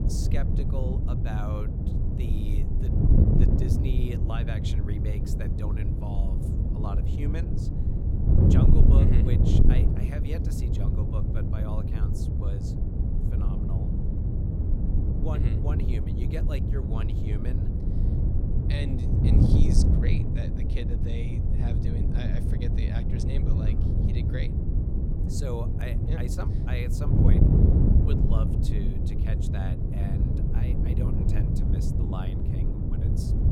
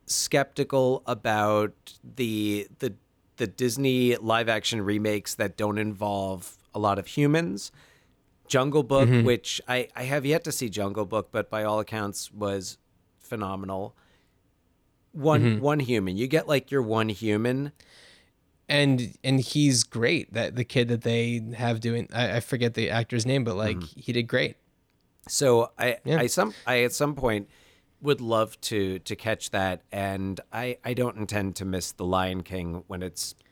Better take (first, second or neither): second